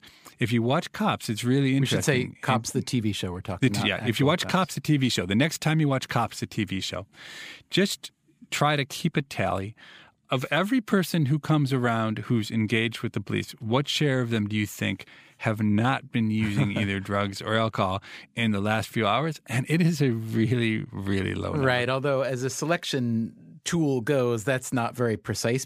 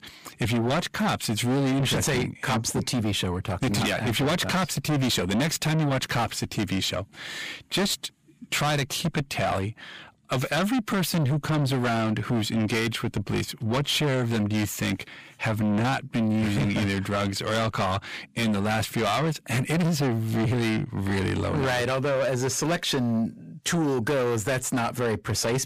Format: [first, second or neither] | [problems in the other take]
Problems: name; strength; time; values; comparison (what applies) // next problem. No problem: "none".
first | distortion; heavy; 5 dB below the speech